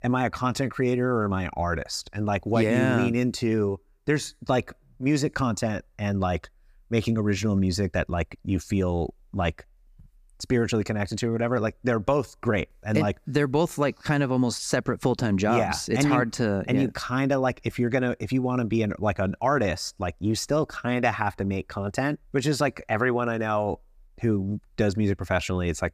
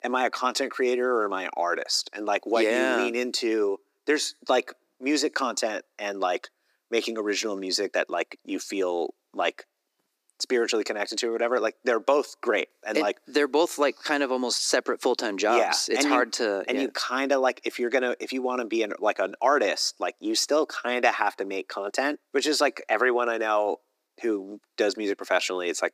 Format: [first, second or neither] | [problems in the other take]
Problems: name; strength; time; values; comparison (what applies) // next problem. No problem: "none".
first | thin; somewhat; fading below 300 Hz